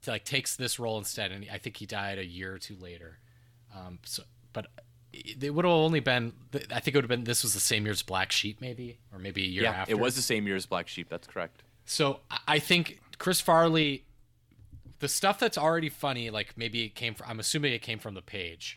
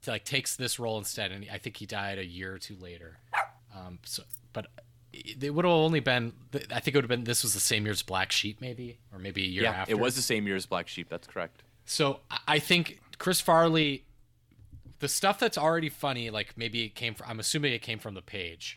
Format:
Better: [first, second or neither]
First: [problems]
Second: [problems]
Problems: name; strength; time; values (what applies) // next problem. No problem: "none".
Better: first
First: none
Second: dog barking; noticeable; at 3.5 s; peak 3 dB below the speech // jangling keys; faint; at 4.5 s; peak 15 dB below the speech